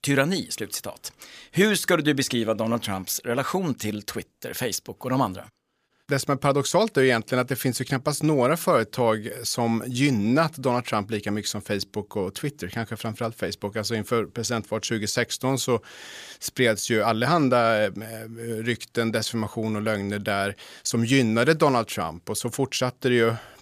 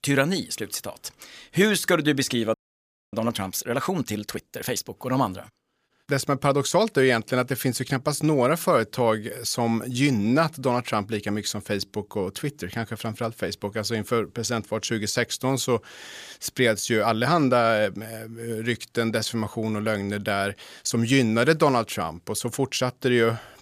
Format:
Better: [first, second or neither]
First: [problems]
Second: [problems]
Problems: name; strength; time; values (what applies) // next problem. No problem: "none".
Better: first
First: none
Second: audio freezing; at 2.5 s for 0.5 s